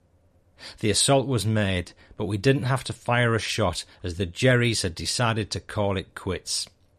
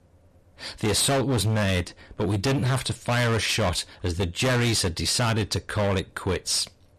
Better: first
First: none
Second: distortion; heavy; 20% of the sound clipped

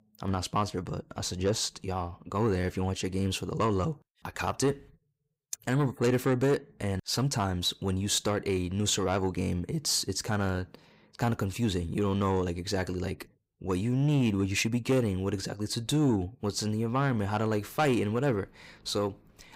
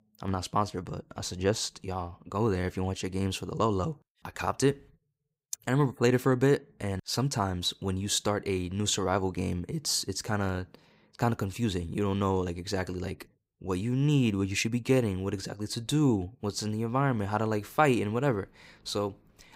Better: second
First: distortion; slight; 10 dB below the speech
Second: none

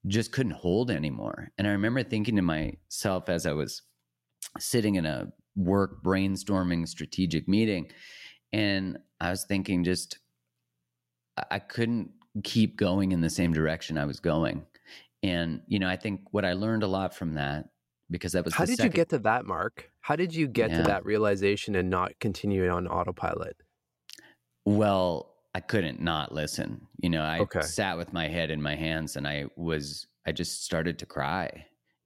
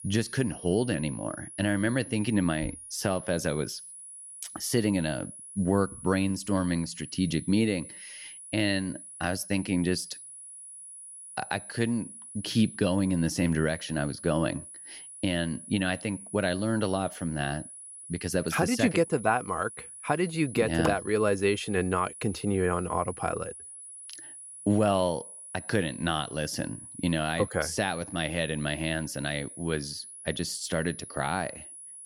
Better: first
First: none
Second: high-pitched whine; noticeable; throughout; 10.5 kHz, 15 dB below the speech

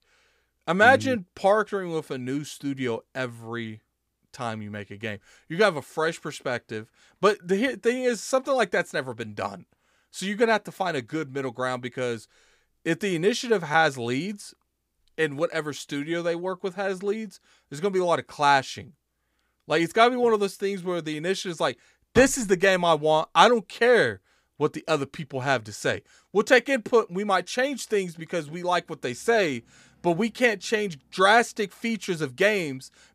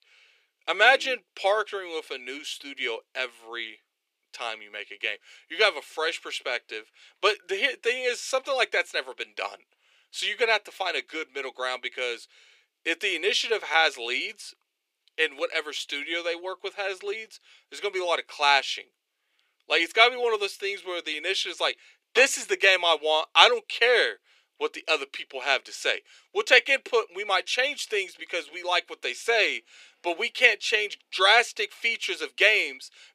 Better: first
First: none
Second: thin; very; fading below 350 Hz

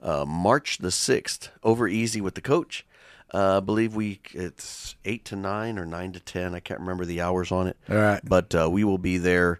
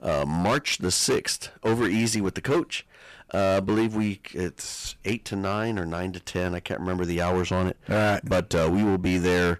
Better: first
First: none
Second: distortion; heavy; 12% of the sound clipped

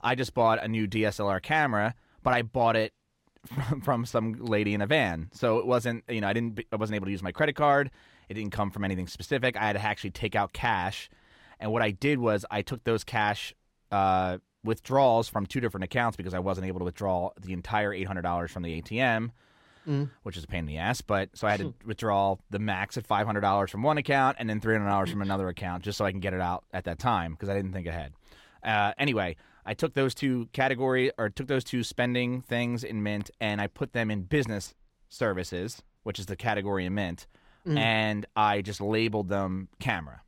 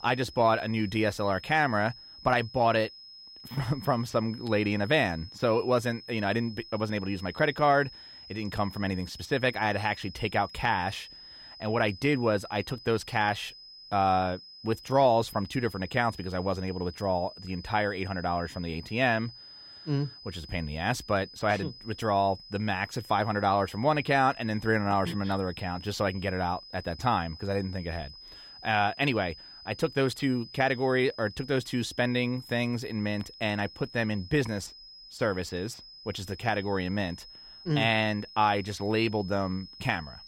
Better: first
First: none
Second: high-pitched whine; noticeable; throughout; 5 kHz, 15 dB below the speech

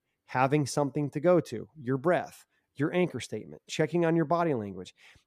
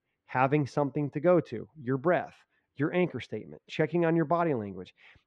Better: first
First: none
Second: muffled; slightly; fading above 2.5 kHz

